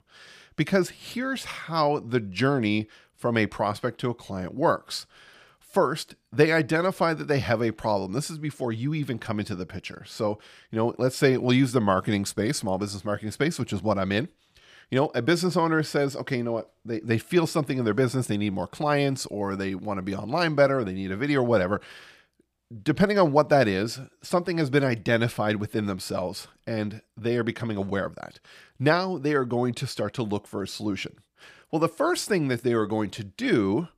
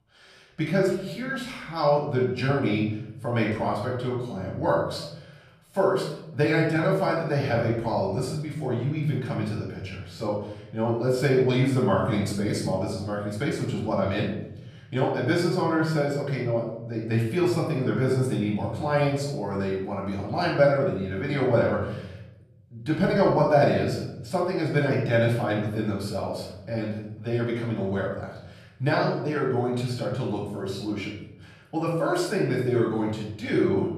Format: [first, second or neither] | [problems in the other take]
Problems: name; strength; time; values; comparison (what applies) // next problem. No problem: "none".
first | off-mic speech; far // room echo; noticeable; dies away in 1.2 s